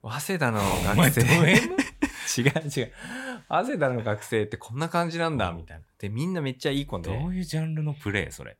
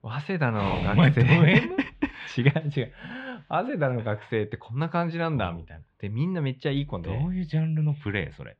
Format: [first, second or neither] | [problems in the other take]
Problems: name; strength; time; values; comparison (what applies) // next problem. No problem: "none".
first | muffled; very; fading above 3.5 kHz